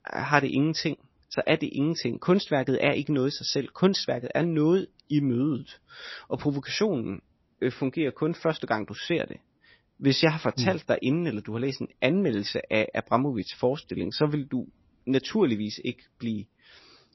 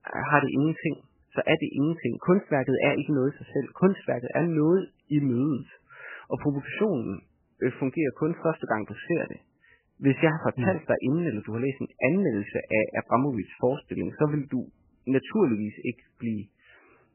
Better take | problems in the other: first | garbled, watery; badly; nothing above 3 kHz; slightly in the first

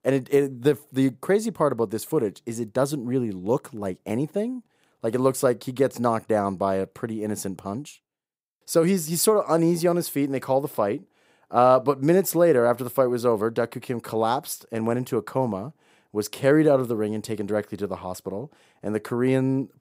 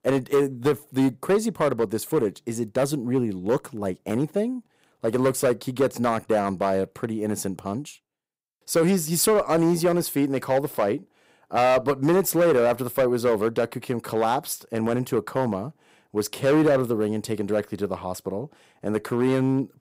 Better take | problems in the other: first | distortion; slight; 6% of the sound clipped

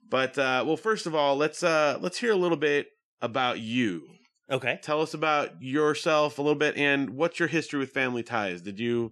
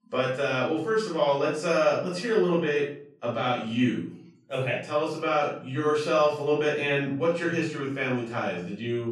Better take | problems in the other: first | off-mic speech; far // room echo; noticeable; dies away in 0.5 s

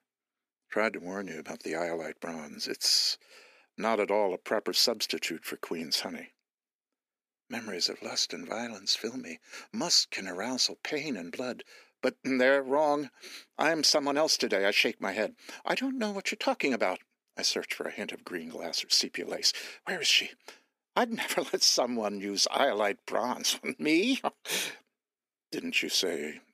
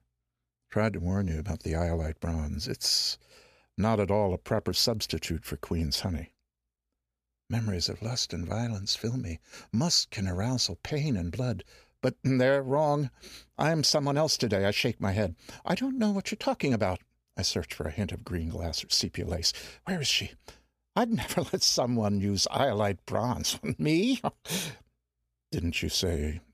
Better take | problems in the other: second | thin; somewhat; fading below 300 Hz

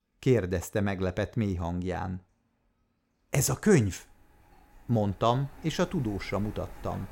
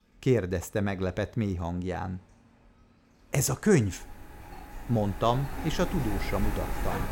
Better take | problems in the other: first | rain or running water; loud; throughout; 9 dB below the speech; faint in the first

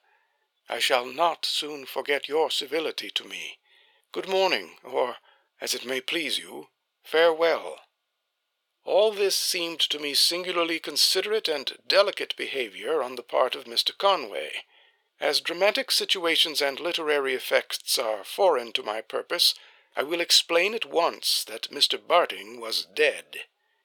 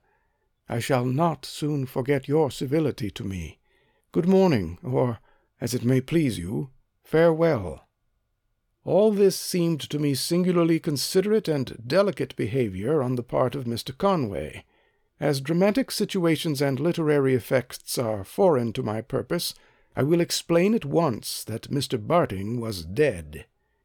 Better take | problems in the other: second | thin; very; fading below 500 Hz

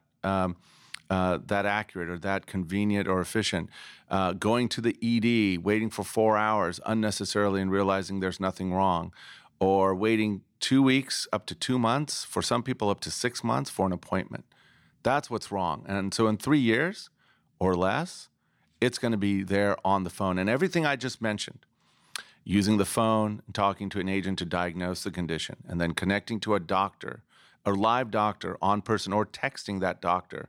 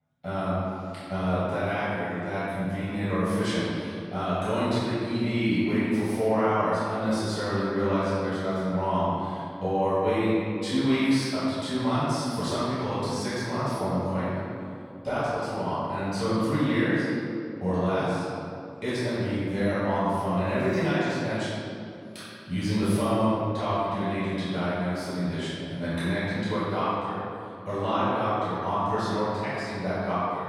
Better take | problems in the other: first | off-mic speech; far // room echo; strong; dies away in 2.3 s

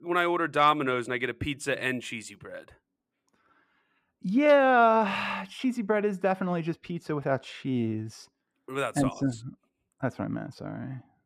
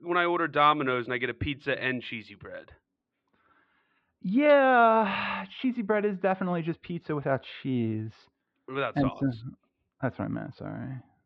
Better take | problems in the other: first | muffled; slightly; fading above 4 kHz

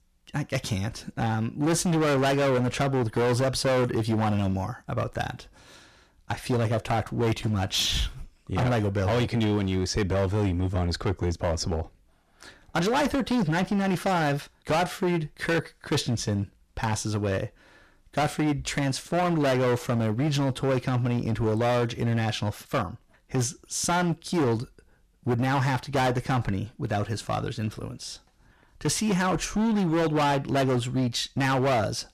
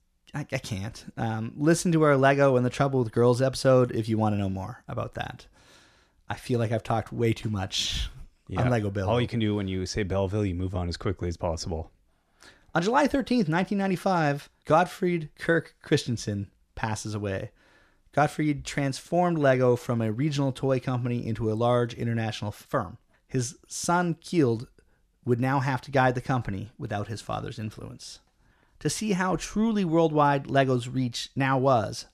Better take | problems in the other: second | distortion; heavy; 17% of the sound clipped

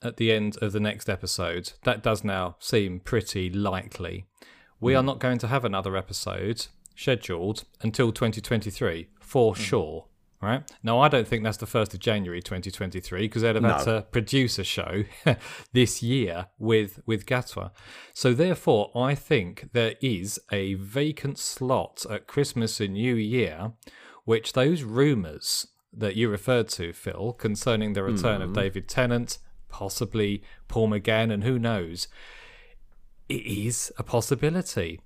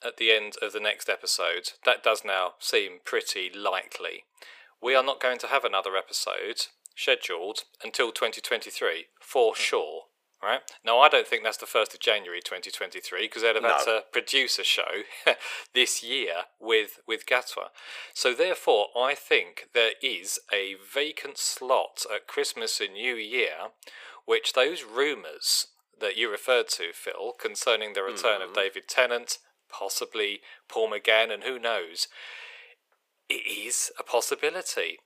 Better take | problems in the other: first | thin; very; fading below 450 Hz

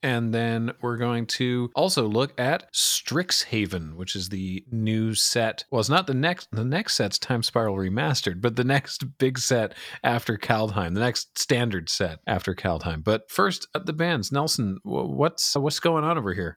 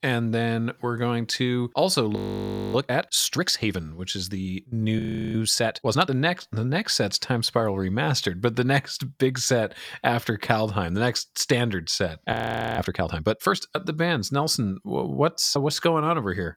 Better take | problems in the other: first | audio freezing; at 2 s for 0.5 s, at 5 s and at 12 s

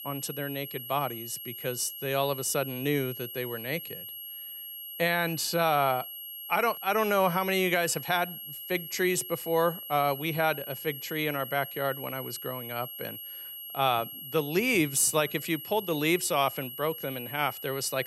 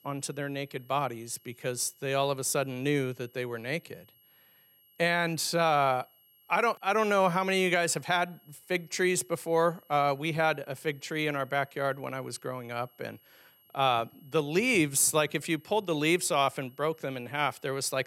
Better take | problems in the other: second | high-pitched whine; loud; throughout; 11.5 kHz, 9 dB below the speech; faint in the second

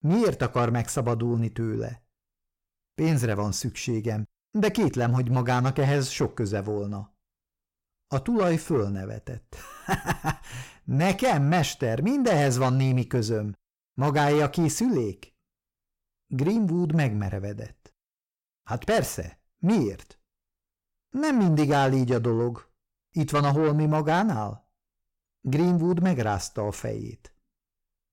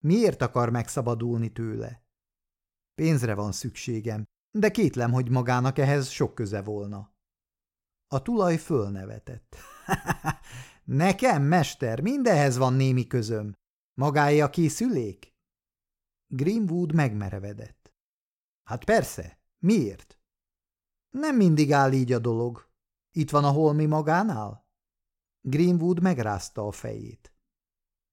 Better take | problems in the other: second | distortion; slight; 10 dB below the speech

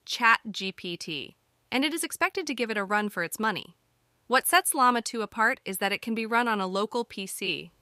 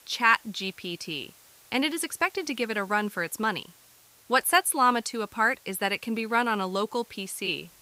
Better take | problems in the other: first | hiss; faint; throughout; 25 dB below the speech

